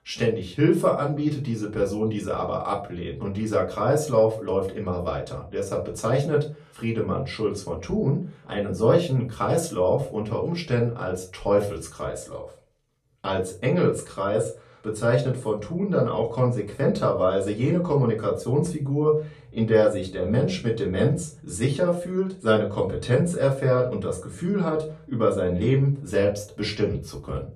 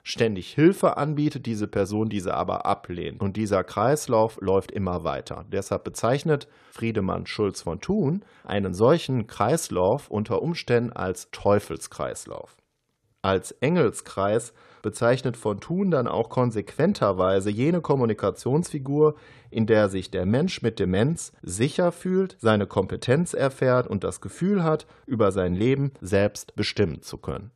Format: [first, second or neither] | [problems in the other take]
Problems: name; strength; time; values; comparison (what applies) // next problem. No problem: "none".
second | off-mic speech; far // room echo; very slight; dies away in 0.3 s